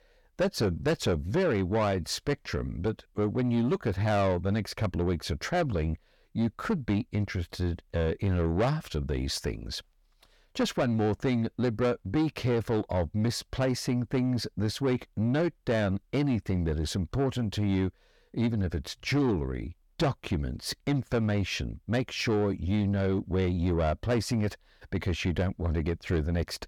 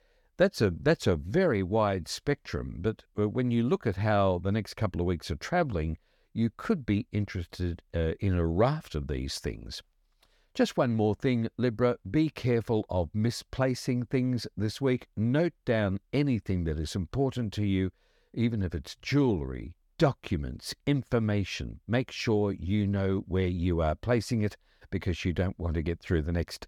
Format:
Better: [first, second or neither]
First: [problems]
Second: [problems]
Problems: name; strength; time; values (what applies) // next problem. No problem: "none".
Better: second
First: distortion; slight; 10 dB below the speech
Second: none